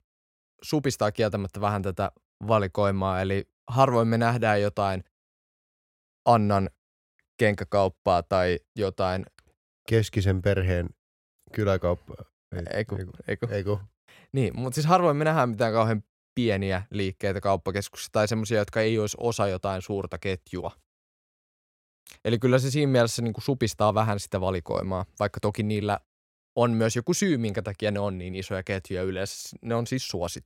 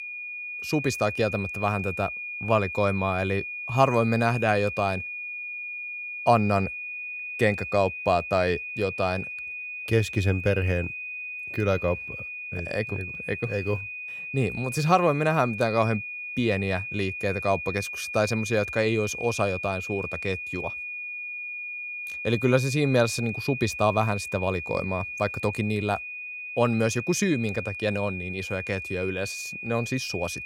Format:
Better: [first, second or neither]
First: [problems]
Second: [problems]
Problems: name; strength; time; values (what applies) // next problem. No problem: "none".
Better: first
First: none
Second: high-pitched whine; loud; throughout; 2.5 kHz, 6 dB below the speech